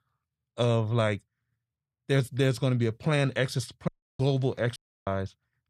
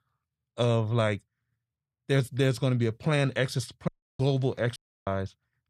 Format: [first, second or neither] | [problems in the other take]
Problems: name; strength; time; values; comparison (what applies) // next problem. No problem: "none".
neither | audio cutting out; at 4 s and at 5 s; the same in both